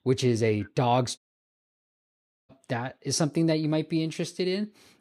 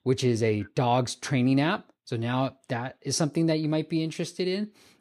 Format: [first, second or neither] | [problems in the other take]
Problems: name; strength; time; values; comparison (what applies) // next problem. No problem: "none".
second | audio cutting out; at 1 s for 1.5 s